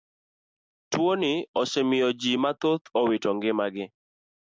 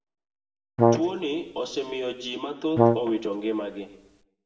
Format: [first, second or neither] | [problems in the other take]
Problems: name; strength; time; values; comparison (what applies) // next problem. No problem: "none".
first | background sound (Brass instrument); 4 dB above the speech // room echo; dies away in 0.8 s